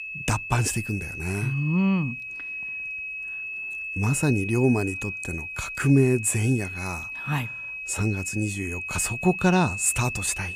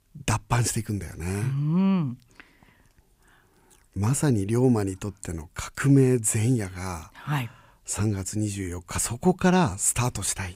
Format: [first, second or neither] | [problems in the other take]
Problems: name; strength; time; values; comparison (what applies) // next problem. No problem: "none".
second | high-pitched whine; loud; throughout; 2.5 kHz, 7 dB below the speech